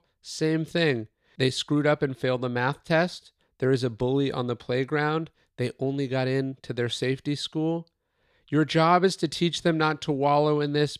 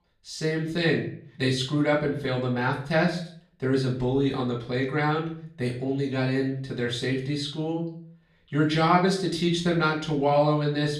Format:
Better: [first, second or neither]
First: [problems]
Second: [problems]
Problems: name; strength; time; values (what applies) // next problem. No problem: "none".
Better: first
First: none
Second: off-mic speech; far // room echo; slight; dies away in 0.5 s